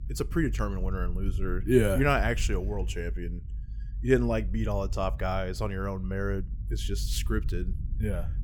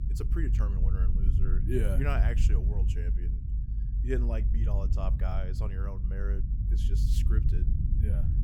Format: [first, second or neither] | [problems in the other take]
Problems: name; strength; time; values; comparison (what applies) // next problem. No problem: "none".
first | low rumble; loud; throughout; 6 dB below the speech; faint in the first